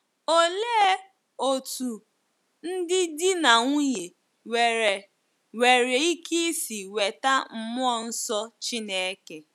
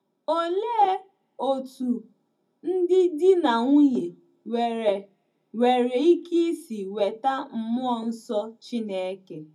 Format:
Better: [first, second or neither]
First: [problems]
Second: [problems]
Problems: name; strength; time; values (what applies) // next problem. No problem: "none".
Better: first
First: none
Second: room echo; dies away in 0.4 s